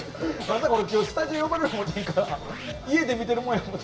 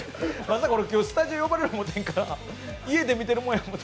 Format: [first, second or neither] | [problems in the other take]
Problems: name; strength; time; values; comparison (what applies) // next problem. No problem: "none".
second | background sound (Scratching (performance technique)); 15 dB below the speech // room echo; dies away in 1.6 s